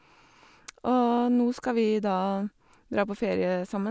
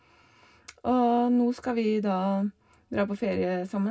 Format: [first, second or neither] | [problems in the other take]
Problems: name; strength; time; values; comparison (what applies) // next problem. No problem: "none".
first | room echo; dies away in 0.2 s